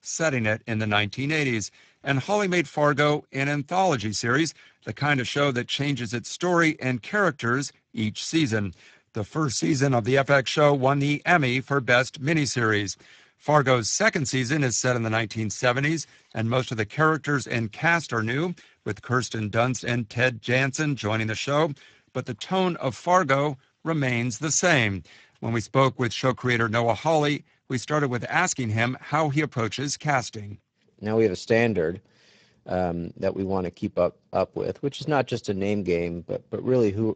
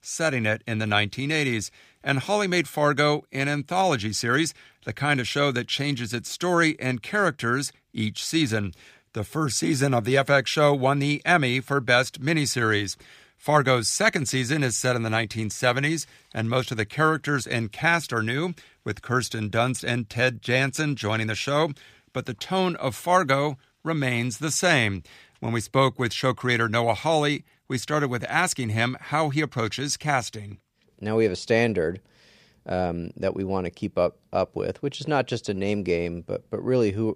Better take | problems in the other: second | garbled, watery; badly; nothing above 7.5 kHz

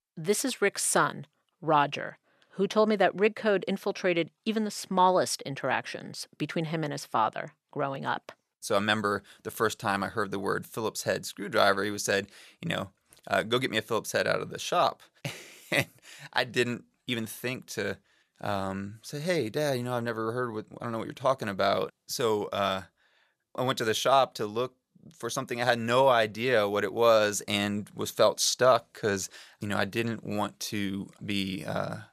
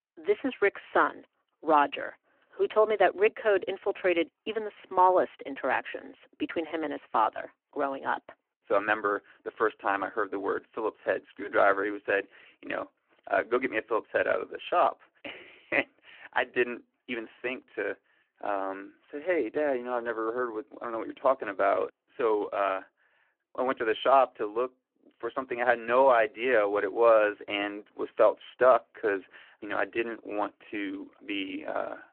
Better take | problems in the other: first | phone-call audio

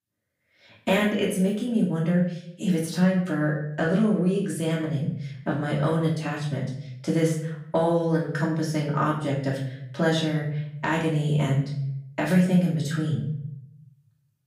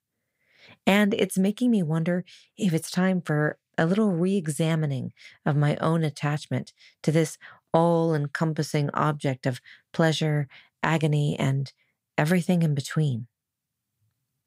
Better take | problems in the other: second | off-mic speech; far // room echo; noticeable; dies away in 0.6 s

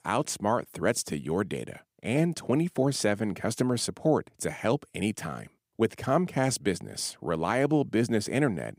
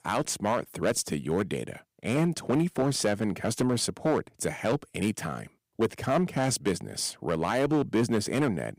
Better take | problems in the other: first | distortion; slight; 4% of the sound clipped

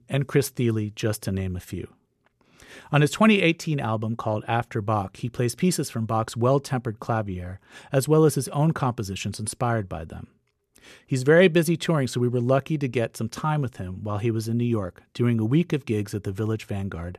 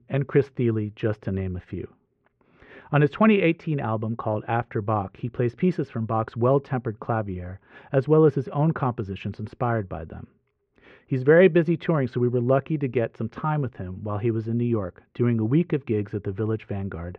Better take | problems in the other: first | muffled; very; fading above 2.5 kHz

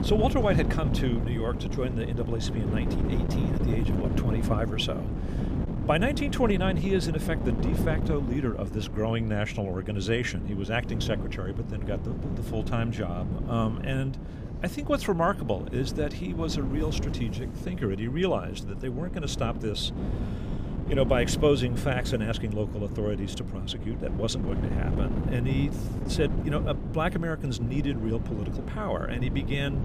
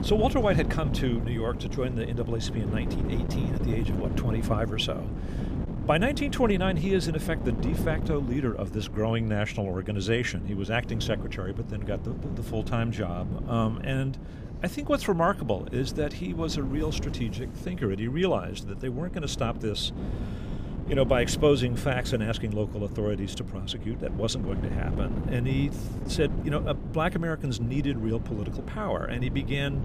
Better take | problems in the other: second | wind noise on the microphone; heavy; 8 dB below the speech; occasional gusts in the second

